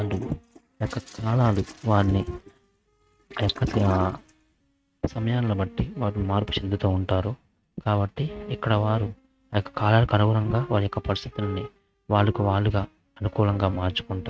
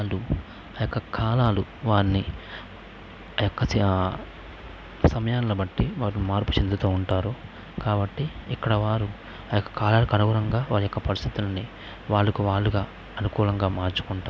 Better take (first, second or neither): second